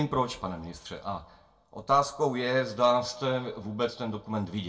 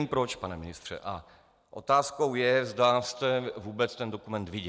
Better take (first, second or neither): second